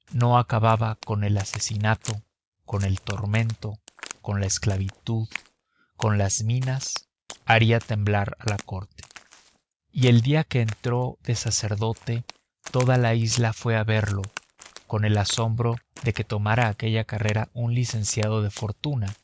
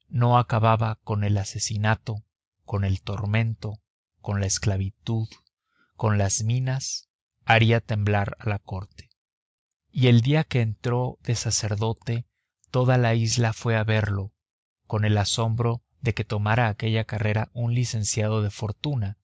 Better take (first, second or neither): second